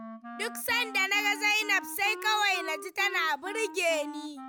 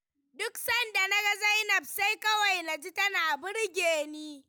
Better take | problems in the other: second | background sound (Wind instrument, woodwind instrument); 12 dB below the speech

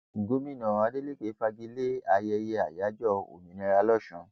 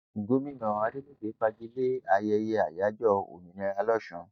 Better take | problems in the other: first | noise reduction (neural mask model DeepFilterNet 3)

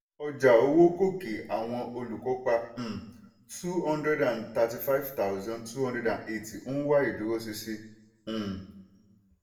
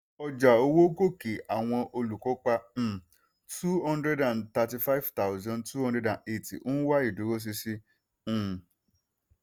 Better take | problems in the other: second | room echo; dies away in 0.7 s

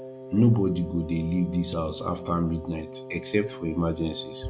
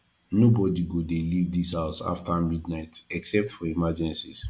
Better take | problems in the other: second | background sound (Wind instrument, woodwind instrument); 13 dB below the speech

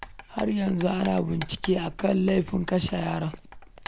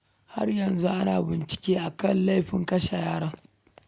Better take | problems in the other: second | background sound (Writing); 14 dB below the speech

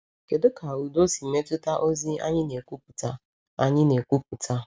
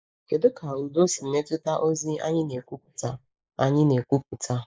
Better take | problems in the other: first | noise reduction (neural mask model Resemble Enhance denoiser)

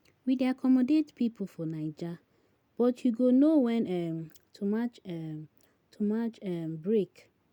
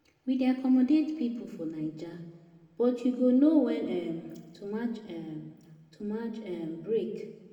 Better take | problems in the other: first | room echo; dies away in 1.4 s

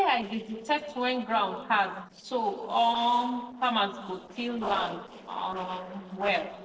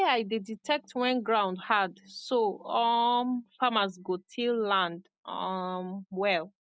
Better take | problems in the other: second | noise reduction (neural separator model SepFormer DNS4)

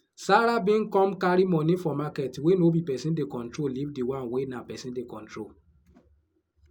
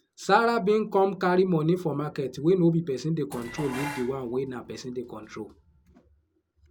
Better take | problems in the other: first | background sound (Dishes, pots, and pans); 16 dB below the speech

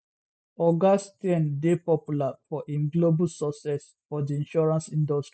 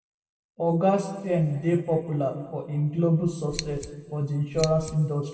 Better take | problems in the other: first | background sound (Scissors); 10 dB below the speech // room echo; dies away in 1.8 s

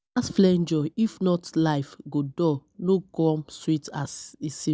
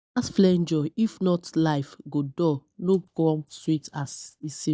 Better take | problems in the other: first | noise reduction (neural mask model DeepFilterNet 3)

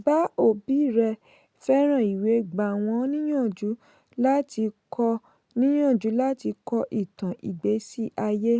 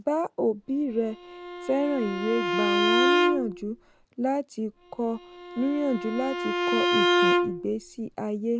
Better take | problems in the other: first | background sound (Bowed string instrument); 2 dB above the speech

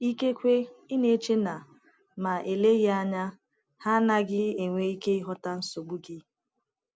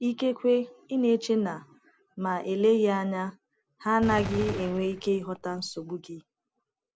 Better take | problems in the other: first | background sound (Gunshot, gunfire); 10 dB below the speech

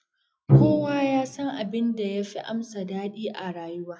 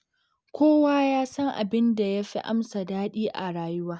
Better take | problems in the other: second | noise reduction (classical method WPE with log-MMSE)

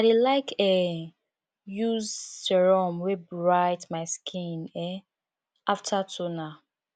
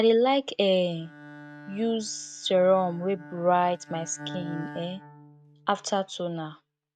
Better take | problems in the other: first | noise reduction (neural mask model RNNoise)

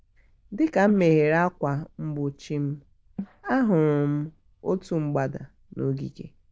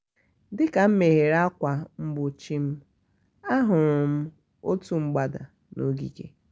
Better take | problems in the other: second | noise reduction (neural diffusion model UNIVERSE++)

